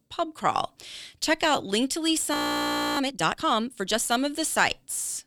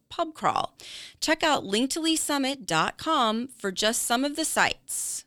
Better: second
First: audio freezing; at 2.5 s for 0.5 s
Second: none

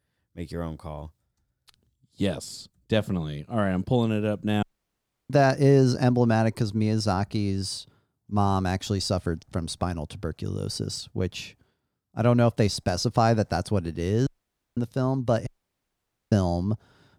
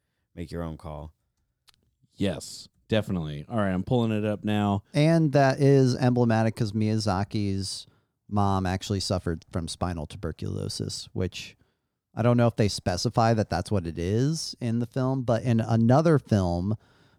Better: second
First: audio cutting out; at 4.5 s for 0.5 s, at 14 s for 0.5 s and at 15 s for 1 s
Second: none

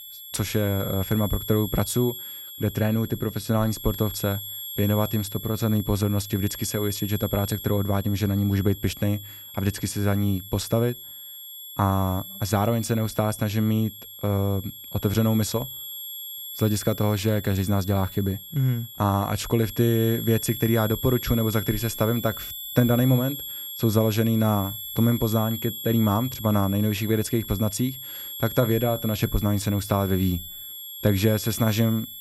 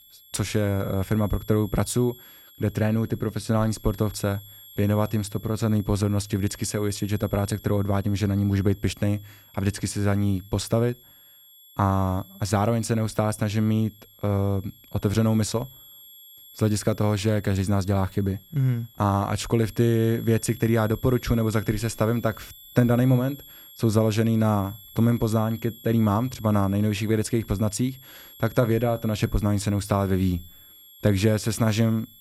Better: second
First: high-pitched whine; loud; throughout; 3.5 kHz, 10 dB below the speech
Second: high-pitched whine; faint; throughout; 3.5 kHz, 20 dB below the speech

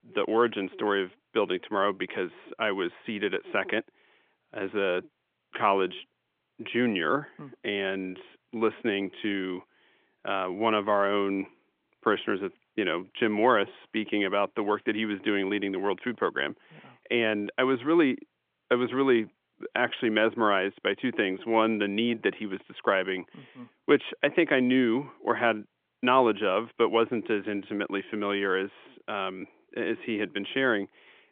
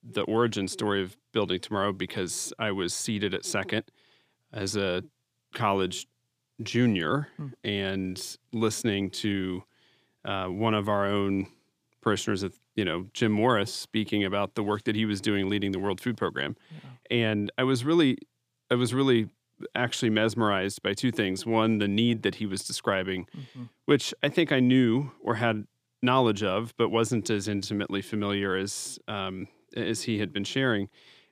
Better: second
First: phone-call audio; nothing above 3.5 kHz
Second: none

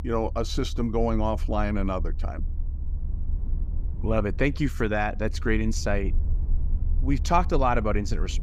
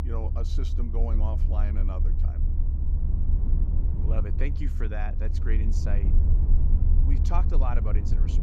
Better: first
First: low rumble; faint; throughout; 25 dB below the speech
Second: low rumble; loud; throughout; 5 dB below the speech

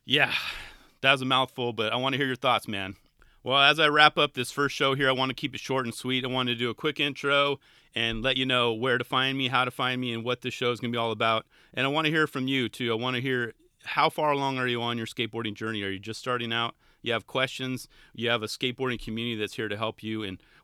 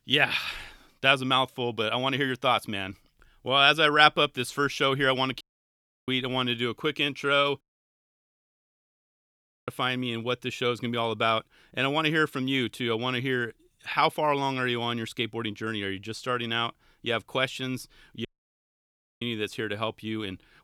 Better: first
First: none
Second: audio cutting out; at 5.5 s for 0.5 s, at 7.5 s for 2 s and at 18 s for 1 s

